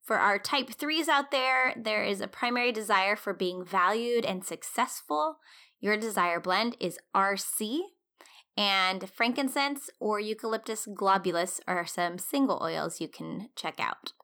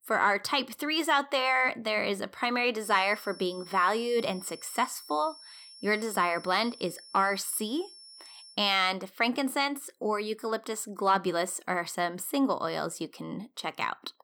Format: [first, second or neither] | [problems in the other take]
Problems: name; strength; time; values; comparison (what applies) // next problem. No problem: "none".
first | high-pitched whine; noticeable; from 3 to 8.5 s; 5.5 kHz, 20 dB below the speech